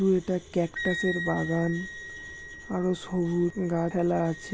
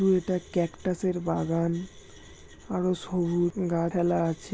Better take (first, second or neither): second